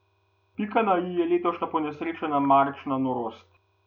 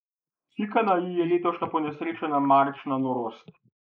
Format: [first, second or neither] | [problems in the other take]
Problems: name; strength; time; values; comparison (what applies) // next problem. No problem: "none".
first | noise reduction (neural mask model Resemble Enhance denoiser)